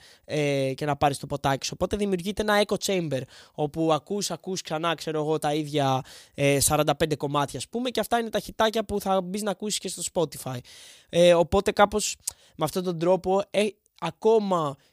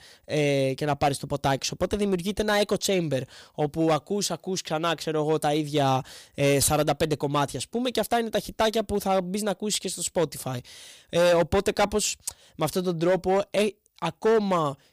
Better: first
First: none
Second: distortion; slight; 5% of the sound clipped

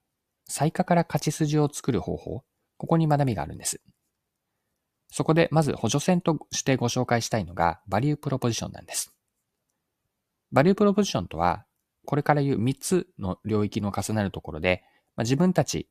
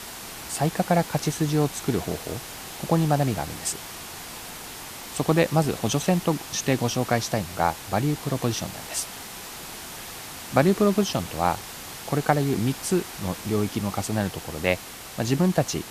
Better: first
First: none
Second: hiss; noticeable; throughout; 10 dB below the speech

